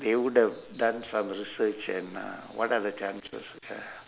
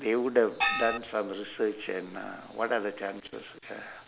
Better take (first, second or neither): first